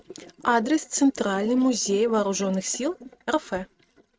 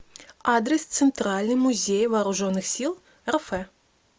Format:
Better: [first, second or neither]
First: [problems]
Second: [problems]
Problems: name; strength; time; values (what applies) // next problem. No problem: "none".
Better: second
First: noise reduction (neural mask model RNNoise)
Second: none